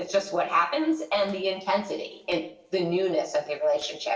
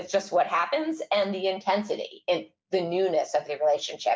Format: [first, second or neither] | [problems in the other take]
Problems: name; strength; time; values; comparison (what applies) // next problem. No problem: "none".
second | noise reduction (neural separator model SepFormer DNS4)